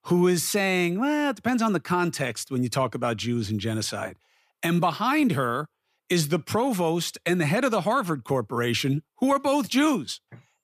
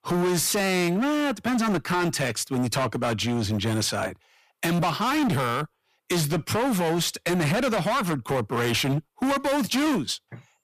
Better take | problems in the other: first | distortion; heavy; 26% of the sound clipped

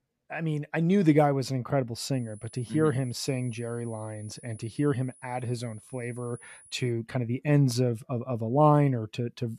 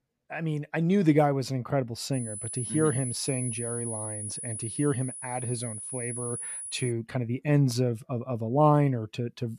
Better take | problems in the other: first | high-pitched whine; loud; from 2 to 7 s; 10 kHz, 6 dB below the speech; faint in the first

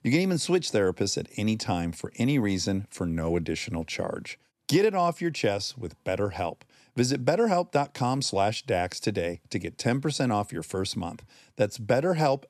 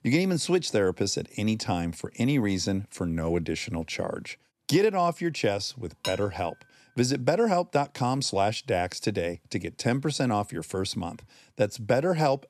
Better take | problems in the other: first | clattering dishes; noticeable; at 6 s; peak 8 dB below the speech

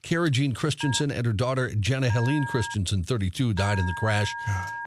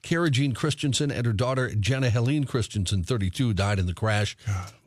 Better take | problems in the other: second | phone ringing; noticeable; from 1 s on; peak 7 dB below the speech

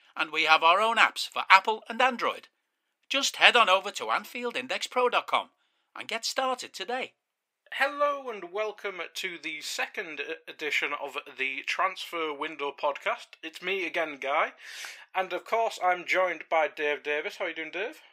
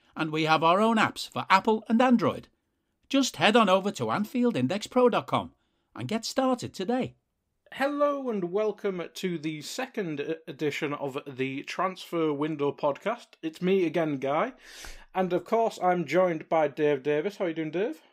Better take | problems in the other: second | thin; very; fading below 700 Hz

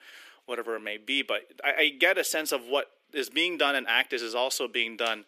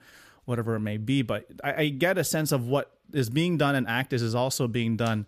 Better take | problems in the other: second | thin; very; fading below 350 Hz

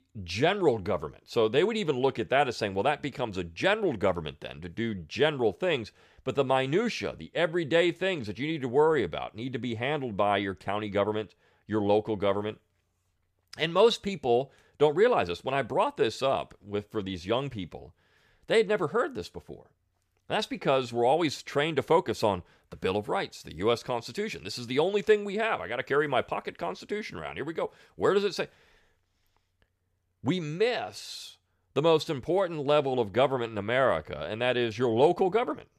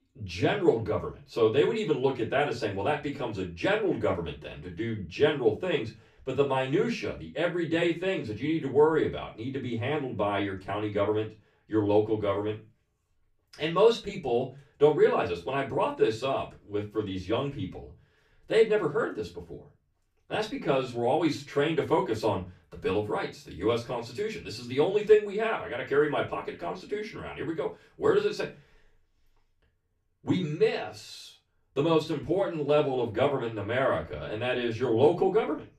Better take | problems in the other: first | off-mic speech; far // room echo; very slight; dies away in 0.2 s

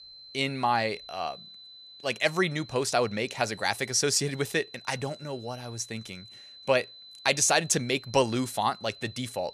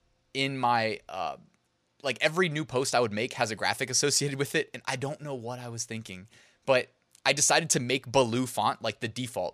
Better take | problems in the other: second | high-pitched whine; noticeable; throughout; 4 kHz, 20 dB below the speech

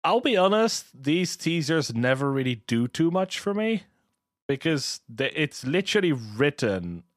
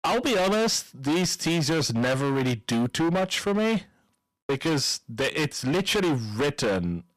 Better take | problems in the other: first | distortion; heavy; 25% of the sound clipped

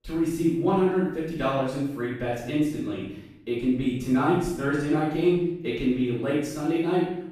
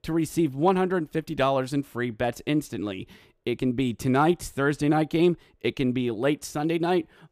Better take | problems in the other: second | off-mic speech; far // room echo; strong; dies away in 0.7 s

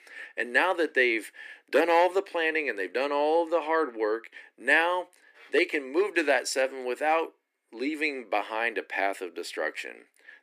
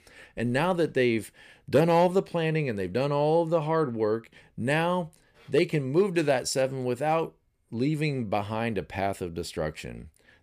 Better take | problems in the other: second | thin; somewhat; fading below 300 Hz

